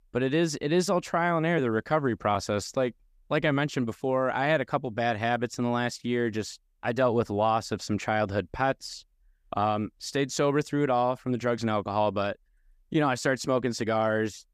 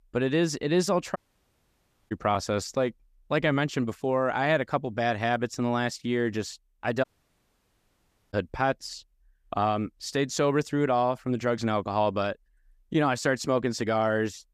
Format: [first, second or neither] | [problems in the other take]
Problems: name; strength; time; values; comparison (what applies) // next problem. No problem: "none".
first | audio cutting out; at 1 s for 1 s and at 7 s for 1.5 s